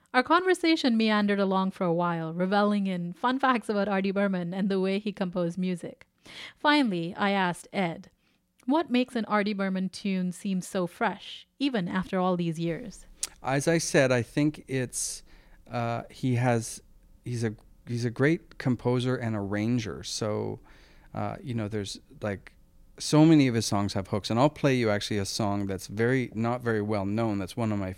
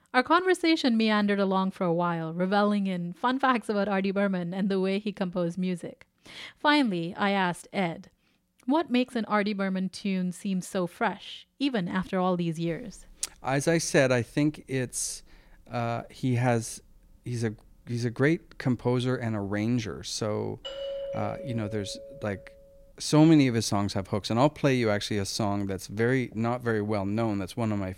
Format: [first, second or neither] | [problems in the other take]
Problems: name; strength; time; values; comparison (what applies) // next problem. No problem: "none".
first | doorbell; noticeable; from 21 to 23 s; peak 7 dB below the speech